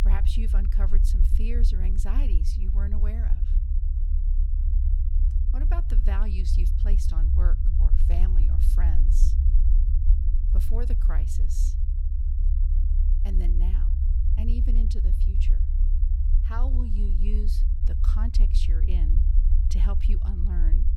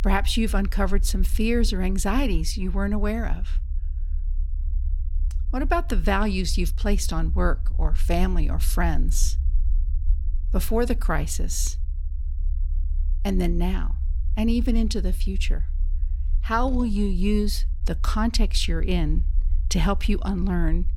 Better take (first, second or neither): second